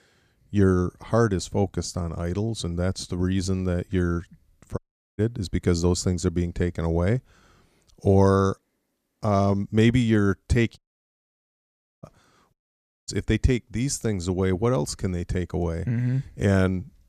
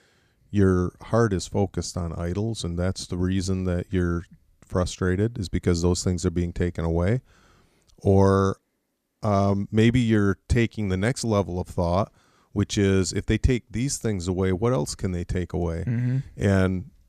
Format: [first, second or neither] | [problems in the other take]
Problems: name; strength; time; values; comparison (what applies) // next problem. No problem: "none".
second | audio cutting out; at 5 s, at 11 s for 1.5 s and at 13 s for 0.5 s